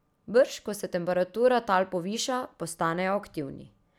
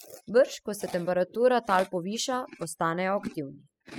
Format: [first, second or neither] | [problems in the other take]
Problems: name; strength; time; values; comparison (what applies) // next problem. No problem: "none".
first | noise reduction (classical method spectral subtraction)